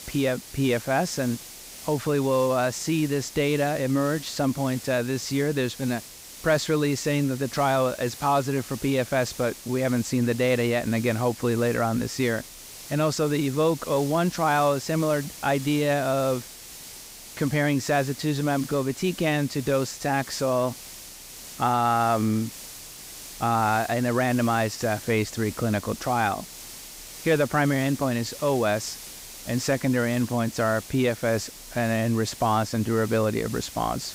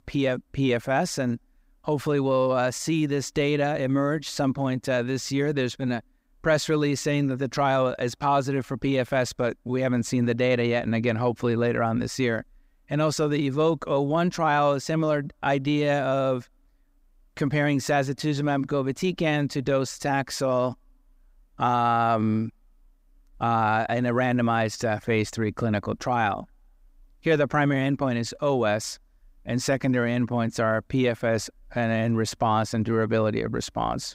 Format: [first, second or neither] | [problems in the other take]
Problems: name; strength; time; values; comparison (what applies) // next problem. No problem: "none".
second | hiss; noticeable; throughout; 15 dB below the speech